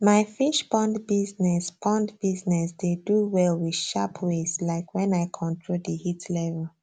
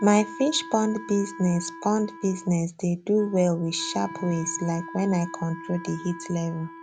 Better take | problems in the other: first | background sound (Wind instrument, woodwind instrument); 15 dB below the speech

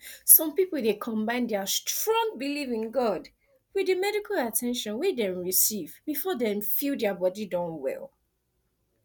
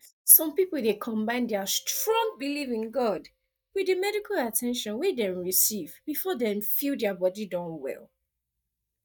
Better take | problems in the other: first | noise reduction (neural mask model DeepFilterNet 3)

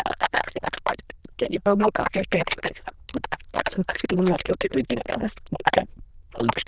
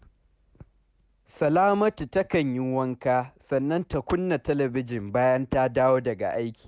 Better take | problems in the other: second | noise reduction (neural diffusion model UNIVERSE++)

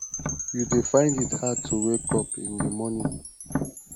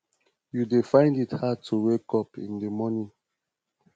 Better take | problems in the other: second | background sound (Tap + Wind chime / Percussion); 3 dB below the speech

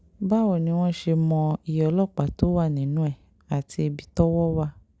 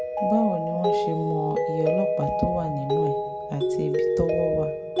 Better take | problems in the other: first | background sound (Mallet percussion); 3 dB above the speech // room echo; dies away in 1.1 s

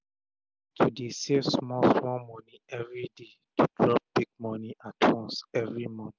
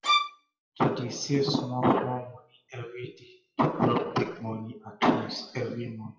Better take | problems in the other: first | noise reduction (classical method WPE with log-MMSE)

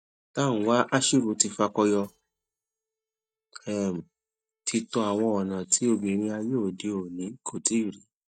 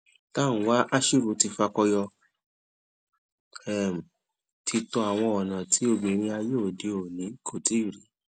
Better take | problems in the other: second | noise reduction (neural mask model DeepFilterNet 3)

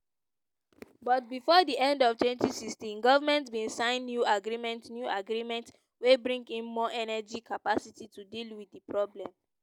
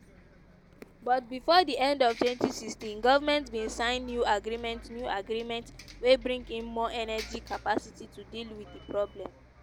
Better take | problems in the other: first | background sound (Bus); 18 dB below the speech

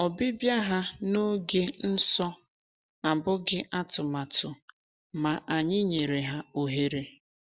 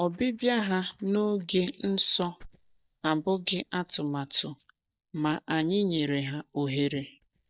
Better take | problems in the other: first | noise reduction (neural mask model DeepFilterNet 3)

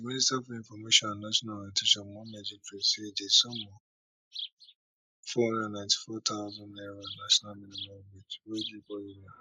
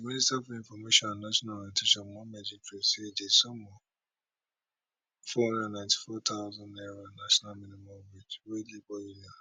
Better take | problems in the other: second | noise reduction (neural mask model Resemble Enhance denoiser)

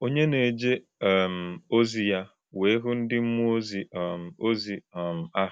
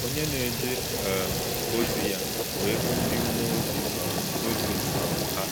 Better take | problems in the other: first | background sound (Water tap, faucet / Liquid + Vehicle); 5 dB above the speech

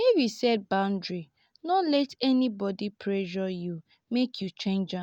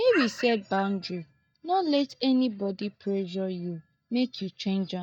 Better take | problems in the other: first | noise reduction (neural mask model DeepFilterNet 3)

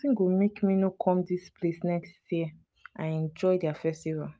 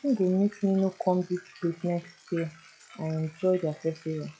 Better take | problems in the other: first | noise reduction (classical method log-MMSE)

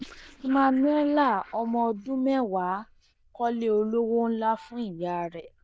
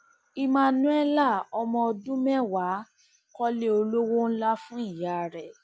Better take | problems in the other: second | noise reduction (neural diffusion model UNIVERSE++)

